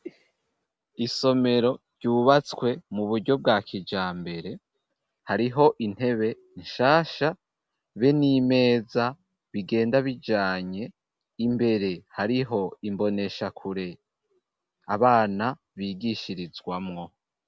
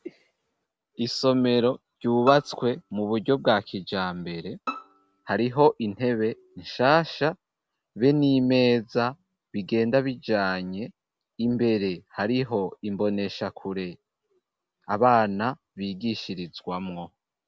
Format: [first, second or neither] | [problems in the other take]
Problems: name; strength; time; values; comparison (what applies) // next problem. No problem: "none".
first | background sound (Bowed string instrument); 13 dB below the speech